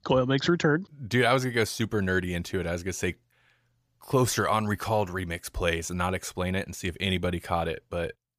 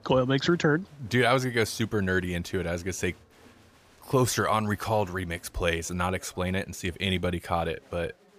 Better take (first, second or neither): first